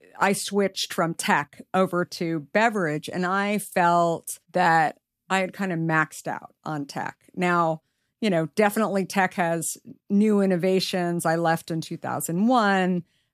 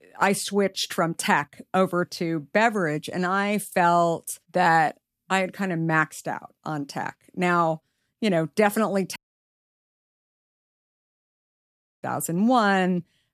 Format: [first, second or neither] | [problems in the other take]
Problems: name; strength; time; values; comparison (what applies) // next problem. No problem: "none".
first | audio cutting out; at 9 s for 3 s